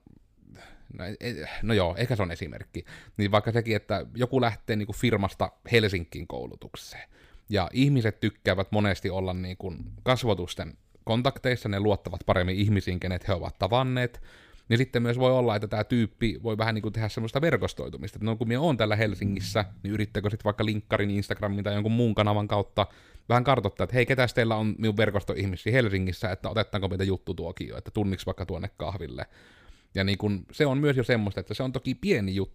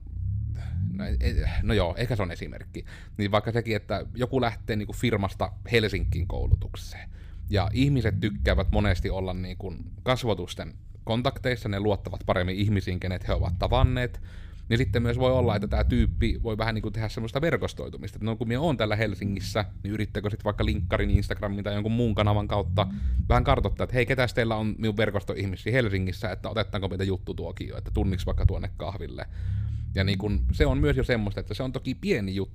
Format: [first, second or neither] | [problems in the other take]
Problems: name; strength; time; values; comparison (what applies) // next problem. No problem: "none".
first | low rumble; noticeable; throughout; 20 dB below the speech